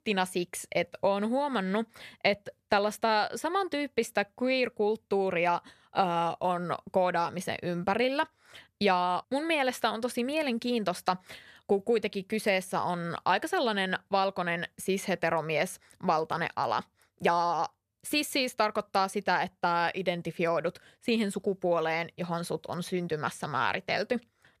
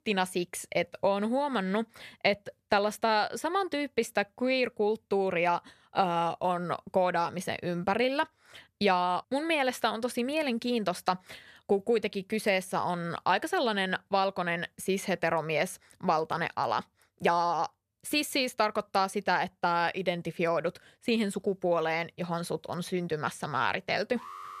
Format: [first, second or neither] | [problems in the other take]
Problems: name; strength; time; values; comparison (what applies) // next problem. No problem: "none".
first | alarm; faint; at 24 s; peak 15 dB below the speech